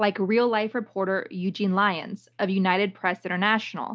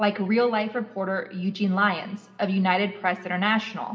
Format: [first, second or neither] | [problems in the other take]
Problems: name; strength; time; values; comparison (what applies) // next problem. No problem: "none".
first | room echo; dies away in 0.9 s